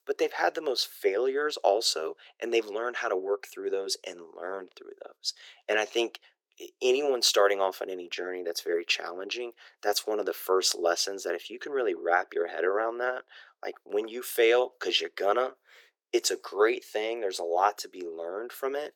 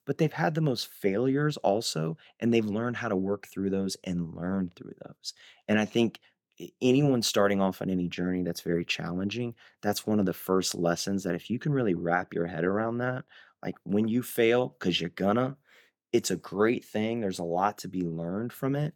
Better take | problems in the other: second | thin; very; fading below 400 Hz

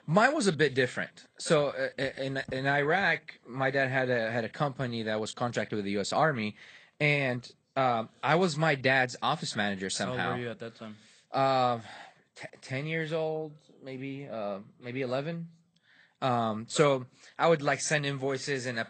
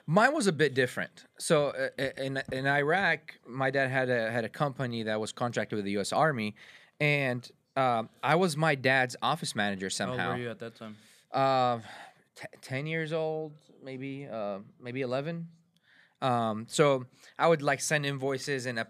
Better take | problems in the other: second | garbled, watery; slightly; nothing above 8.5 kHz

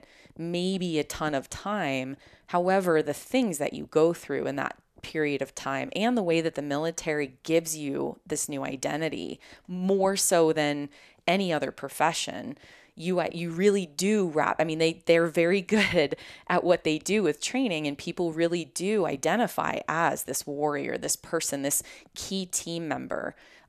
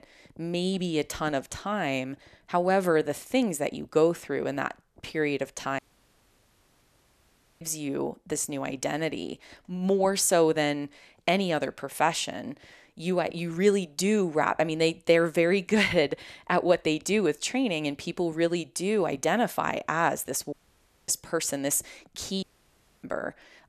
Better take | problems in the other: first | audio cutting out; at 6 s for 2 s, at 21 s for 0.5 s and at 22 s for 0.5 s

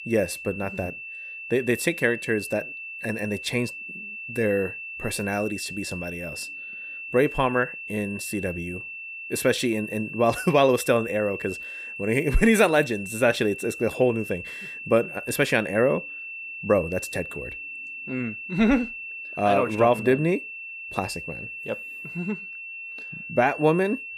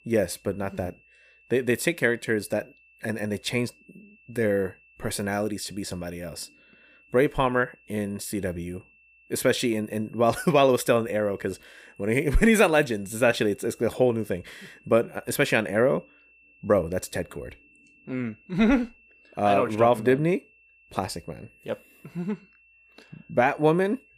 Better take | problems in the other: second | high-pitched whine; loud; throughout; 2.5 kHz, 10 dB below the speech; faint in the second

